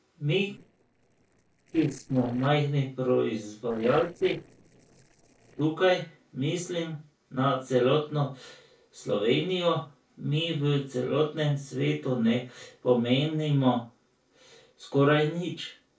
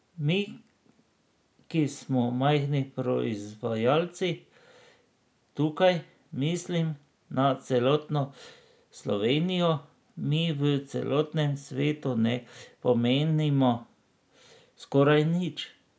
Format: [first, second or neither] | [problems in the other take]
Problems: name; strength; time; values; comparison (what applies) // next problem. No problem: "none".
second | noise reduction (neural separator model SepFormer DNS4)